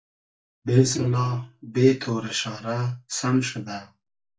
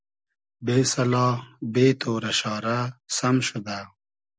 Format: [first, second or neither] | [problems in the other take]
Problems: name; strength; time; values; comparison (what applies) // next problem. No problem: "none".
second | noise reduction (neural mask model DeepFilterNet 3)